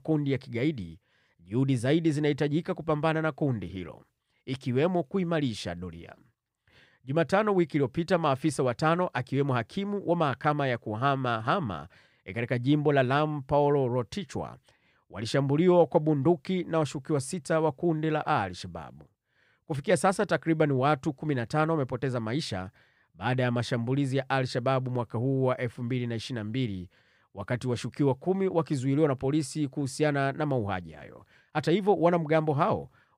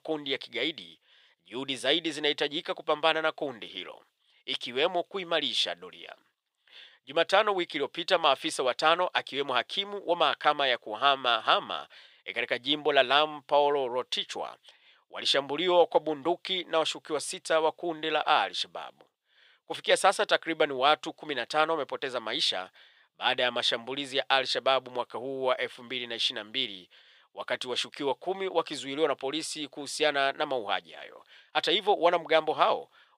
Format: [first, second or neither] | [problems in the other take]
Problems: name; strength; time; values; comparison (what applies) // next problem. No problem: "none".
first | thin; very; fading below 600 Hz